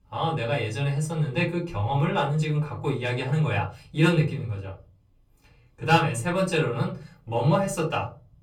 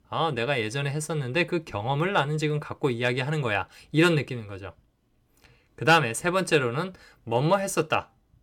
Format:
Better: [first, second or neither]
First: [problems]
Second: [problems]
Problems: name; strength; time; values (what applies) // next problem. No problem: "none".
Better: second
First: off-mic speech; far // room echo; very slight; dies away in 0.4 s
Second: none